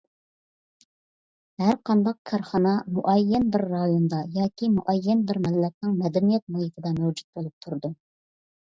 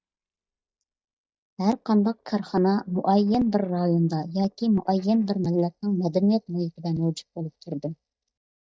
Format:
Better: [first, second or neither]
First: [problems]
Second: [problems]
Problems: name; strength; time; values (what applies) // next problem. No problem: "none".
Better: first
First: none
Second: noise reduction (neural mask model DeepFilterNet 3)